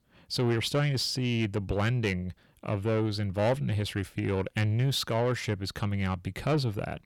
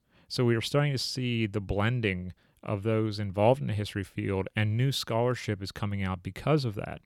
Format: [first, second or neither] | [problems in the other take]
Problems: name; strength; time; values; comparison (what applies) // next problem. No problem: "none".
second | distortion; slight; 10 dB below the speech